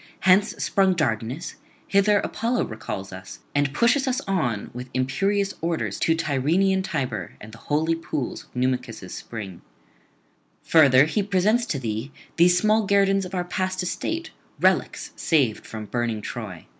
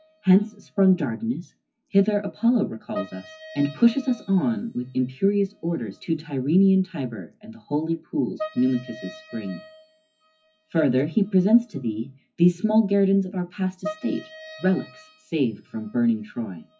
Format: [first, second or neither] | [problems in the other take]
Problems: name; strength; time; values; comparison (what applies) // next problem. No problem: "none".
first | noise reduction (classical method WPE with log-MMSE)